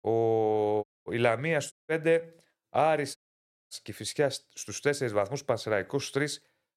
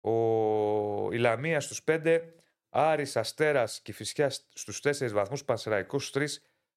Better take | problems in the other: second | audio cutting out; at 1 s, at 1.5 s and at 3 s for 0.5 s

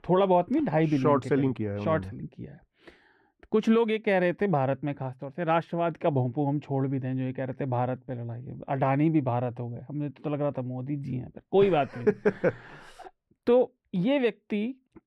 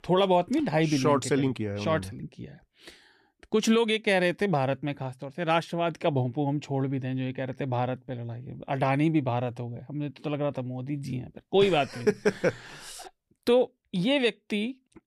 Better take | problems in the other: second | muffled; very; fading above 3 kHz

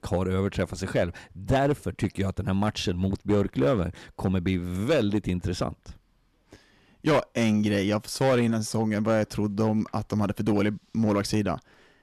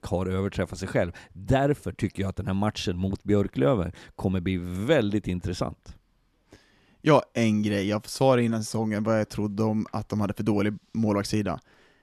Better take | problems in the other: second | distortion; slight; 5% of the sound clipped

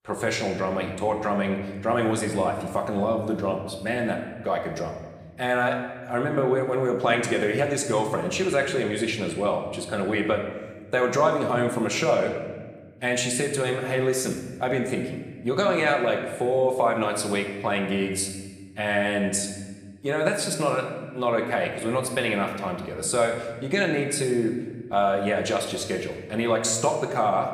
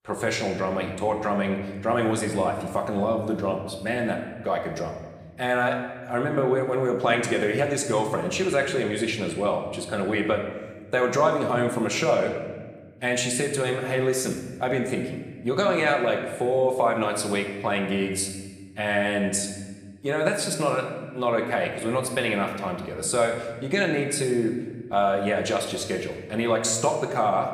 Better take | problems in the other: neither | room echo; slight; dies away in 1.3 s; the same in both // off-mic speech; somewhat distant; the same in both

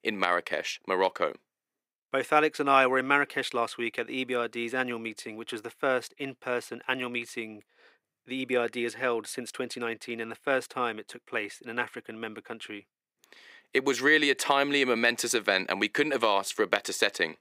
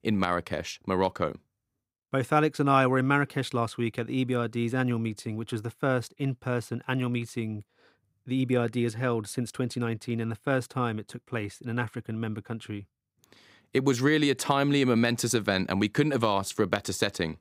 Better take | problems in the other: second | thin; somewhat; fading below 450 Hz

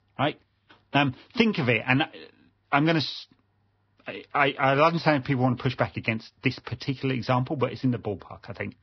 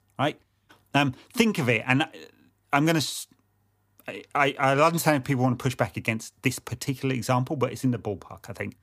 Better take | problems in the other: second | garbled, watery; badly; nothing above 5.5 kHz

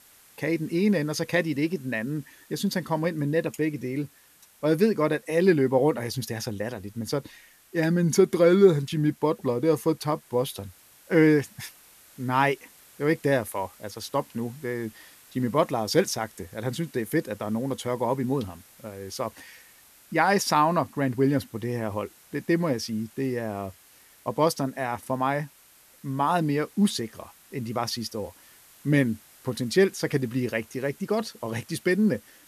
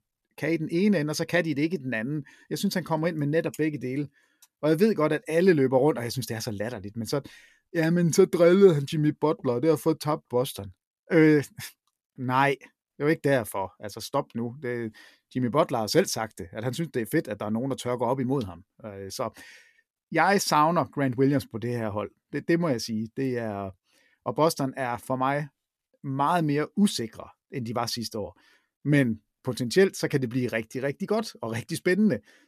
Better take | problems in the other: second | hiss; faint; throughout; 25 dB below the speech

